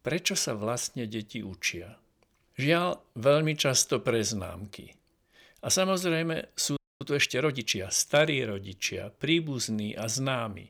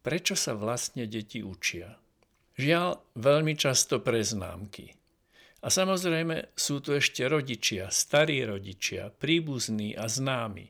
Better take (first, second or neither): second